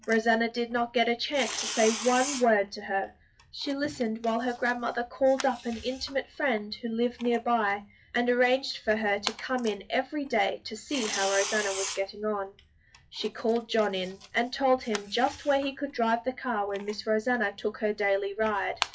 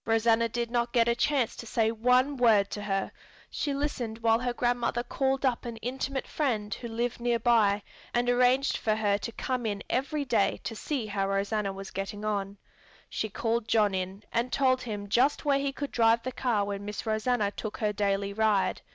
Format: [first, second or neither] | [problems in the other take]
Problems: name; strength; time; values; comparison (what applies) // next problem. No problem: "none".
second | noise reduction (classical method WPE with log-MMSE)